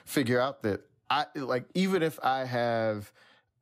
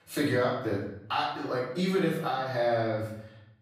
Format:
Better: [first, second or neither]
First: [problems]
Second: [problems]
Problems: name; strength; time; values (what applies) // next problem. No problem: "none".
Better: first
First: none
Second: room echo; noticeable; dies away in 0.7 s // off-mic speech; far